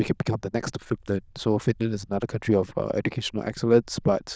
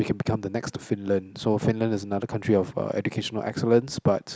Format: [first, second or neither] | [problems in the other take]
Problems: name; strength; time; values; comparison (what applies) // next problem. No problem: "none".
second | noise reduction (neural diffusion model UNIVERSE++)